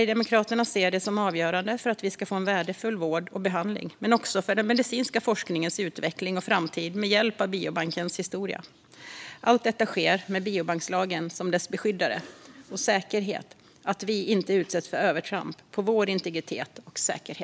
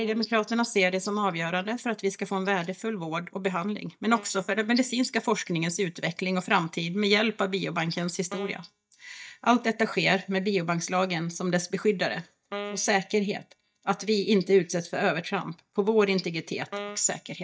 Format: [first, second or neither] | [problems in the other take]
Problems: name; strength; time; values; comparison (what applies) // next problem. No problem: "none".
first | noise reduction (neural mask model DeepFilterNet 3)